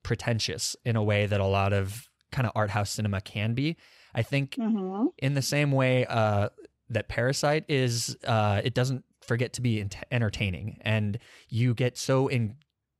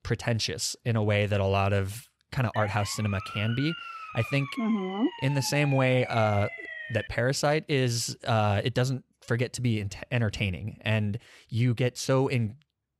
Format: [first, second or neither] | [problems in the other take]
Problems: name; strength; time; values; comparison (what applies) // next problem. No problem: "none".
first | siren; noticeable; from 2.5 to 7 s; peak 9 dB below the speech